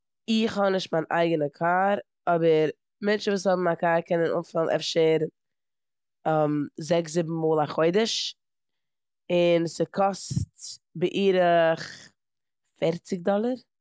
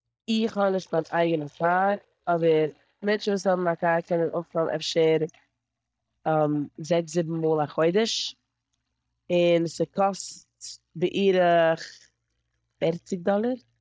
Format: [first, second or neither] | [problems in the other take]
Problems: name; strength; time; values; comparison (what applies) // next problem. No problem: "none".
first | noise reduction (neural mask model DeepFilterNet 3)